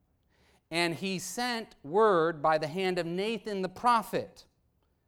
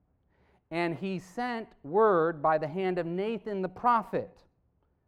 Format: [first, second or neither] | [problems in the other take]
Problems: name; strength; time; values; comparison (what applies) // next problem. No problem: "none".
first | muffled; slightly; fading above 3 kHz